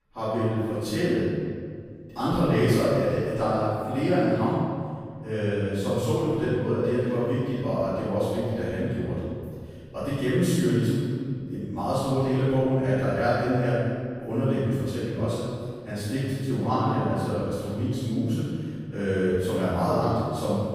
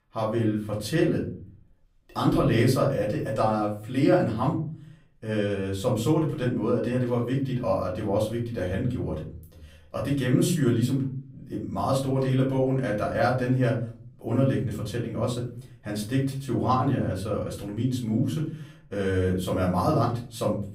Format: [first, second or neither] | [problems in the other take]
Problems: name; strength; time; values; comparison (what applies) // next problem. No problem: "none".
second | room echo; strong; dies away in 1.8 s; slight in the second // off-mic speech; far; far in the second